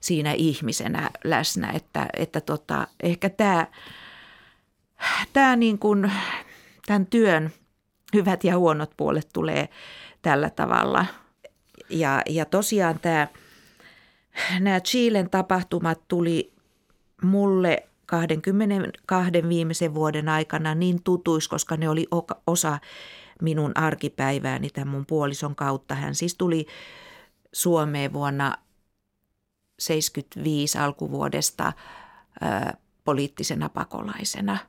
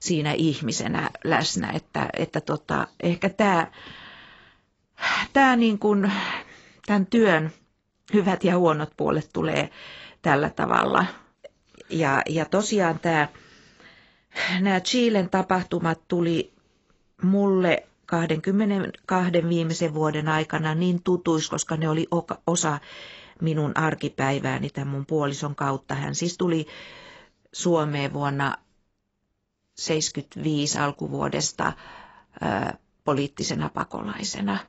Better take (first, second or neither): first